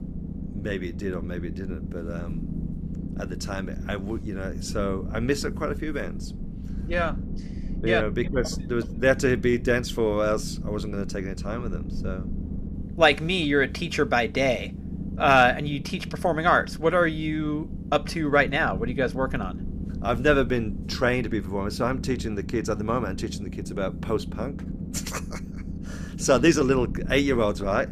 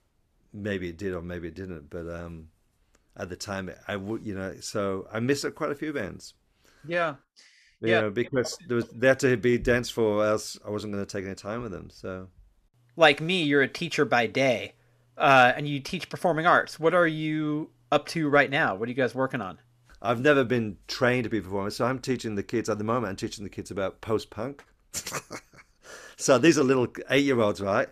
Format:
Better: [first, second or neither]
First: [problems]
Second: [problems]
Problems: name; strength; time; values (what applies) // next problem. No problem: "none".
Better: second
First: low rumble; noticeable; throughout; 20 dB below the speech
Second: none